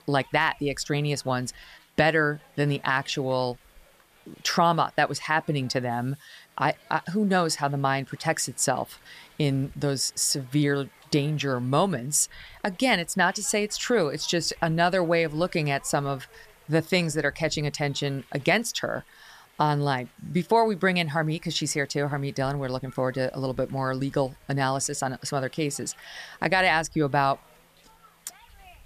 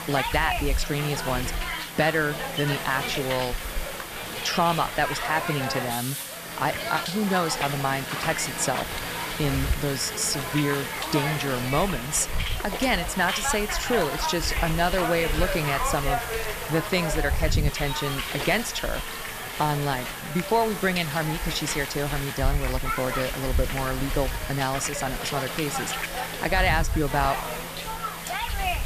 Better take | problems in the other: first | hiss; loud; throughout; 3 dB below the speech; faint in the first

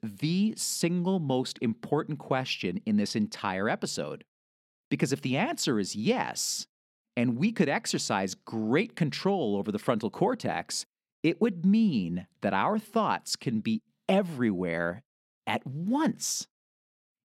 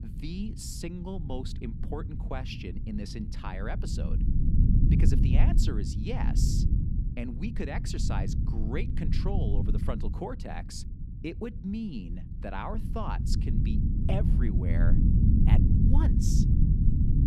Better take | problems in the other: first | low rumble; loud; throughout; 1 dB below the speech

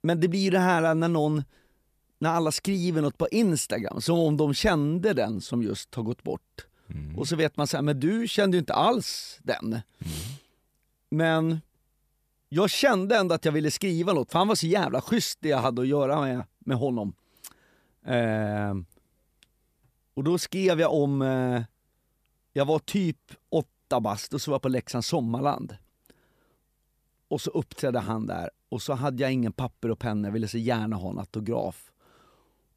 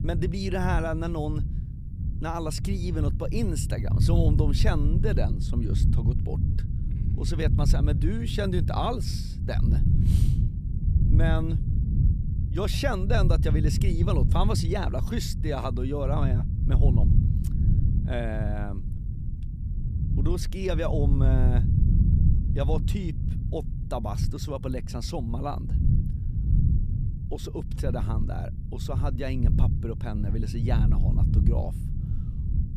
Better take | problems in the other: first | low rumble; loud; throughout; 6 dB below the speech

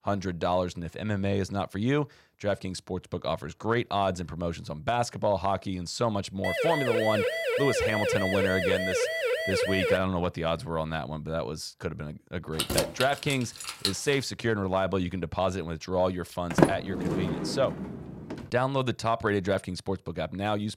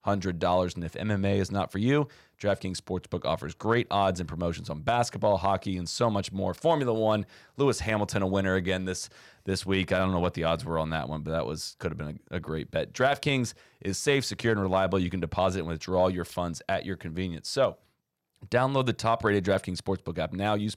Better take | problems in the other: second | siren; loud; from 6.5 to 10 s; peak 2 dB above the speech // jangling keys; loud; from 13 to 14 s; peak 1 dB above the speech // door banging; loud; at 17 s; peak 6 dB above the speech

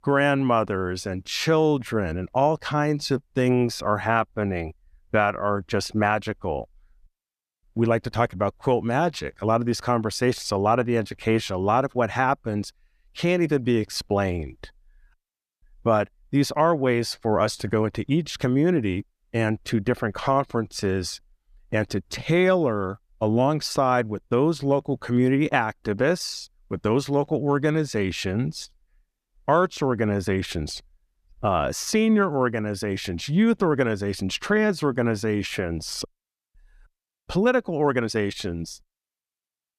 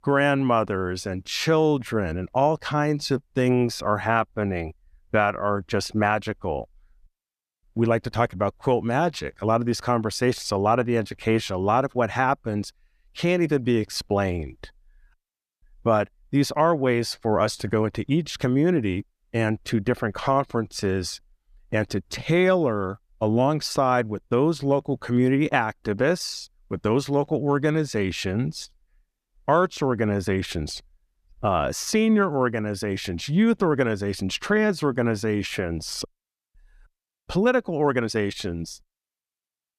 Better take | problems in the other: neither | none

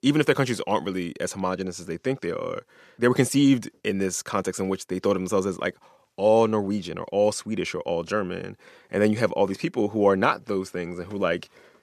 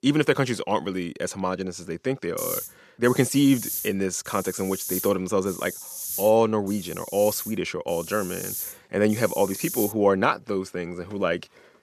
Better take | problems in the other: first | hiss; loud; from 2.5 to 10 s; 8 dB below the speech

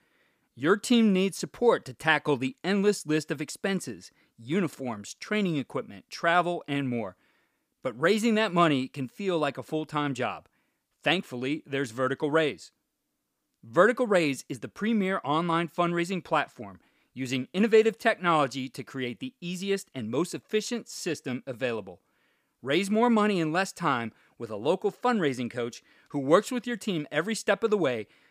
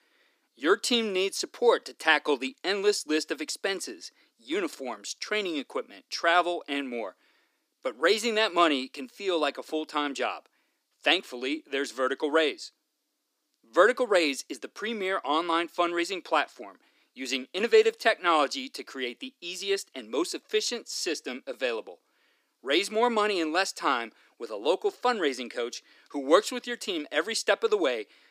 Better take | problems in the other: first | thin; somewhat; fading below 300 Hz

